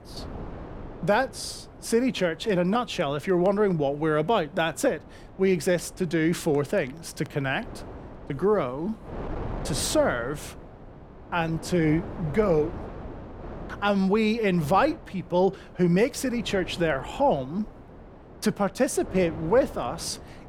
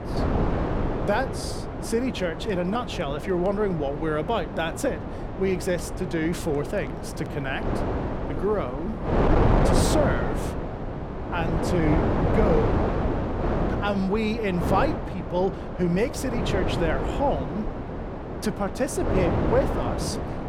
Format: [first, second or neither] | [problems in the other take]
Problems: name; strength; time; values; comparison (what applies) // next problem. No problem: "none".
first | wind noise on the microphone; heavy; 2 dB below the speech; occasional gusts in the first